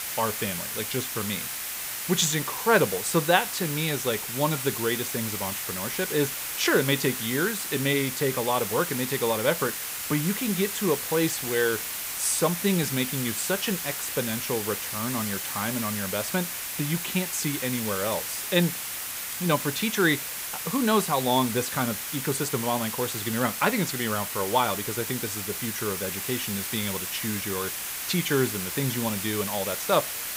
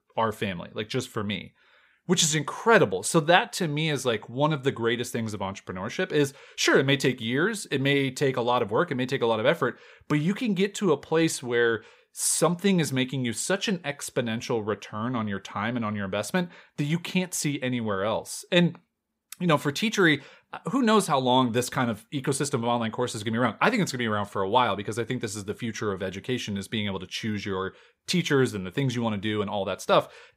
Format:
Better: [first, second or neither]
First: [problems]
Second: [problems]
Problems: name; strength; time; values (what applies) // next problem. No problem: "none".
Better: second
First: hiss; loud; throughout; 3 dB below the speech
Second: none